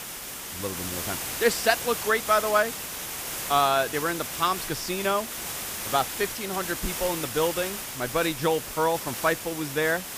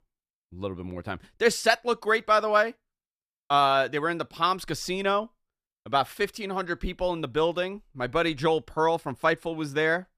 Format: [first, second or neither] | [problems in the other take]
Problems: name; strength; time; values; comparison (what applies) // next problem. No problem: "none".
second | hiss; loud; throughout; 5 dB below the speech